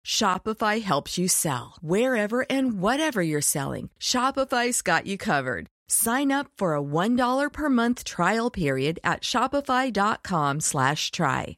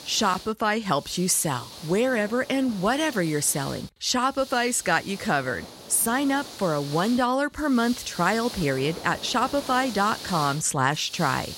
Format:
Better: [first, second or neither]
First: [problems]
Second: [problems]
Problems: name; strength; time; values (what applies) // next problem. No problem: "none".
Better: first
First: none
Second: hiss; noticeable; throughout; 15 dB below the speech